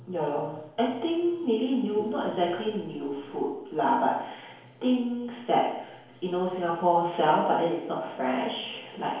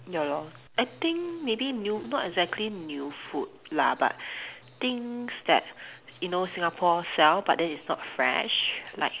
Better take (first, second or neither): second